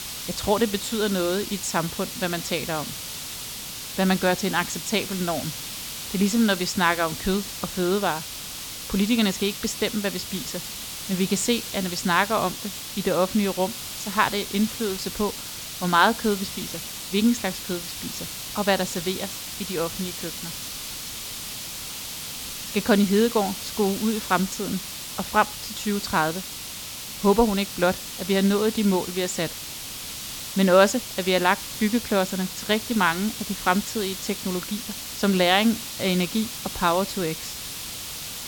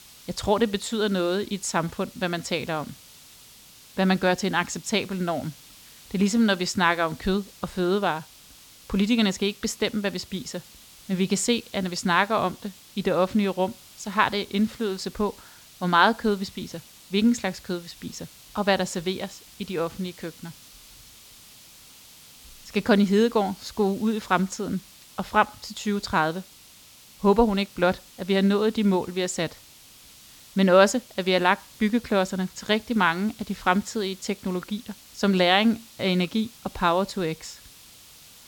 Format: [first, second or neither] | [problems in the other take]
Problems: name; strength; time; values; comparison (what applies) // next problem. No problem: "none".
second | hiss; loud; throughout; 7 dB below the speech; faint in the second